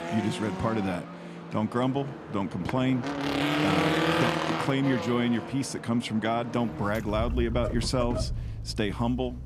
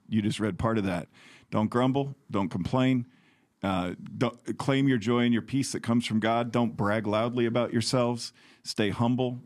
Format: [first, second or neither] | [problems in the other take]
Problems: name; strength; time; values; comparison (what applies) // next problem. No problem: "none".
second | traffic noise; loud; throughout; 2 dB below the speech